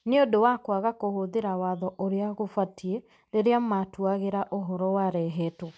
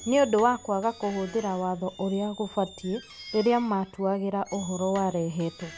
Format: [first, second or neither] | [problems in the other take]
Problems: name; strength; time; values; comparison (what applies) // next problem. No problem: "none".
first | background sound (Squeak); 18 dB below the speech